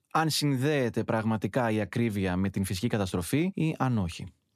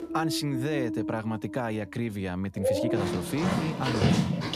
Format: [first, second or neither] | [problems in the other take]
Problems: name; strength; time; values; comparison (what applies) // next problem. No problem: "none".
first | animal sounds; very loud; throughout; 2 dB above the speech